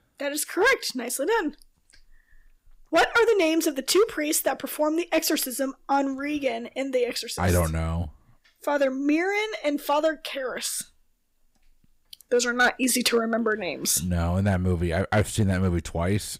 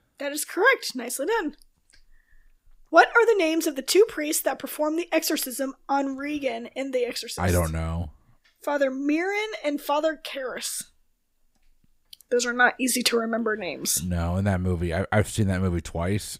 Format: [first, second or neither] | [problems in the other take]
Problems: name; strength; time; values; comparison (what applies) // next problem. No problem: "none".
second | distortion; slight; 2% of the sound clipped